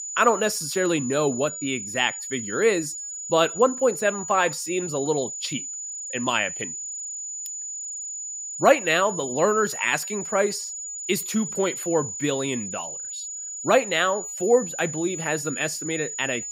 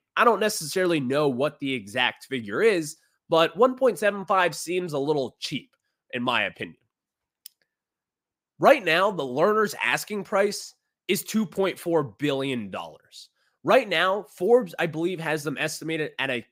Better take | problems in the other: second | high-pitched whine; loud; throughout; 7 kHz, 7 dB below the speech

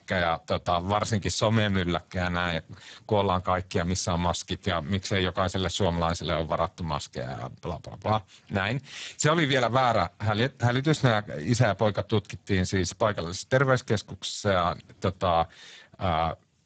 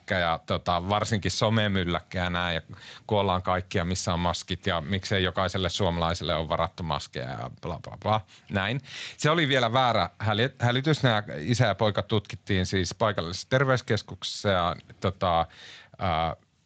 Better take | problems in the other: second | garbled, watery; badly; nothing above 7.5 kHz; slightly in the second

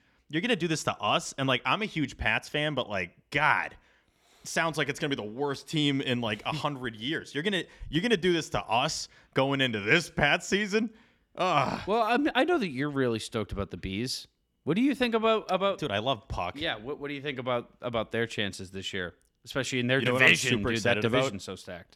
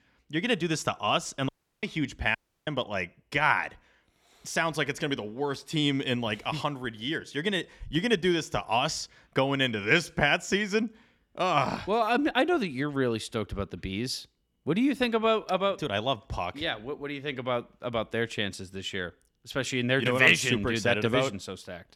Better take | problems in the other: first | audio cutting out; at 1.5 s and at 2.5 s

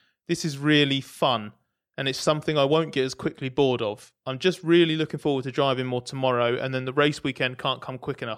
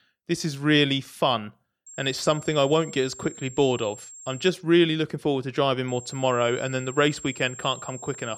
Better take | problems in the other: first | high-pitched whine; noticeable; from 2 to 4.5 s and from 6 s on; 7.5 kHz, 15 dB below the speech

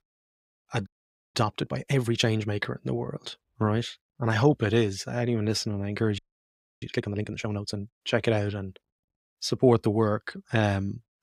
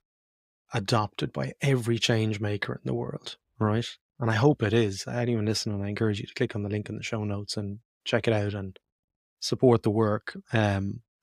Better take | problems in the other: second | audio freezing; at 1 s and at 6 s for 0.5 s

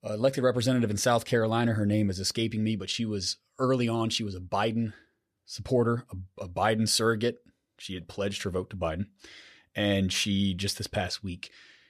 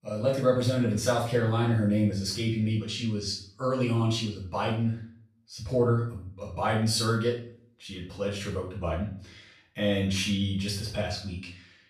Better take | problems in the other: first | off-mic speech; far // room echo; noticeable; dies away in 0.4 s

